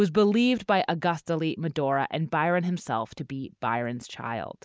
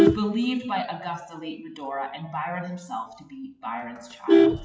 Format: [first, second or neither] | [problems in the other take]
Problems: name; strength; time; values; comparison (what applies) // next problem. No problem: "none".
first | noise reduction (classical method WPE with log-MMSE)